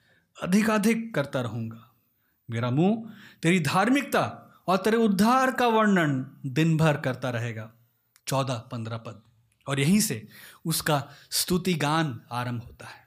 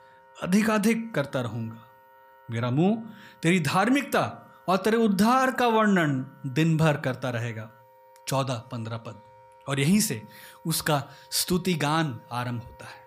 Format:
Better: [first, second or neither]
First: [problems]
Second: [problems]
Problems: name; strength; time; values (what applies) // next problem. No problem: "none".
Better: first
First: none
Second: background music; faint; throughout; 30 dB below the speech